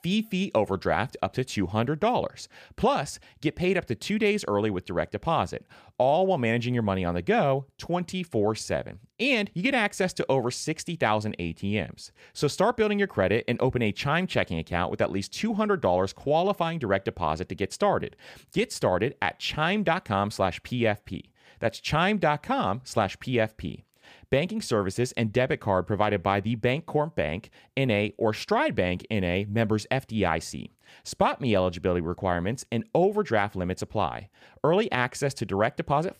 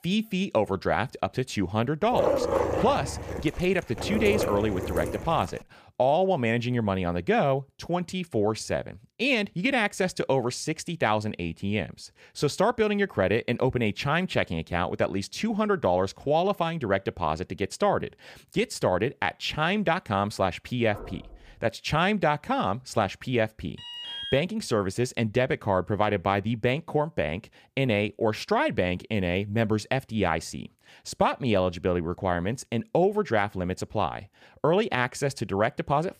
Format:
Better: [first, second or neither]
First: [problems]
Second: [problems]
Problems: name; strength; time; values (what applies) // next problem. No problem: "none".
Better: first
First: none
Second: dog barking; loud; from 2 to 5.5 s; peak 2 dB above the speech // door banging; faint; at 21 s; peak 15 dB below the speech // alarm; noticeable; at 24 s; peak 6 dB below the speech